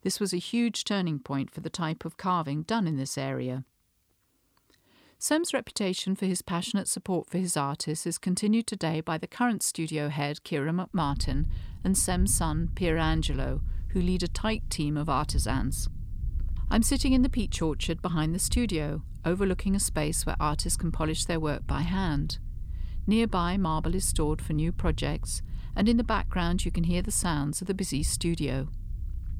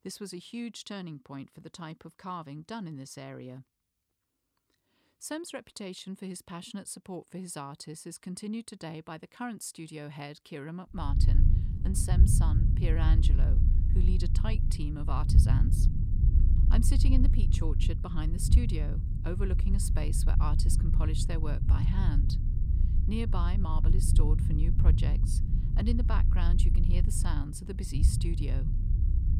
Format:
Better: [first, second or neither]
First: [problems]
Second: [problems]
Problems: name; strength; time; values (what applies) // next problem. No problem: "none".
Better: first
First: low rumble; faint; from 11 s on; 25 dB below the speech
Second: low rumble; loud; from 11 s on; 3 dB below the speech